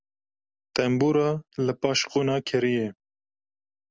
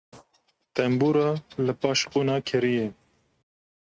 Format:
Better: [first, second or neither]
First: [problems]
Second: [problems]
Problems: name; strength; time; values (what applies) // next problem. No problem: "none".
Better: first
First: none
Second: noise reduction (neural mask model RNNoise)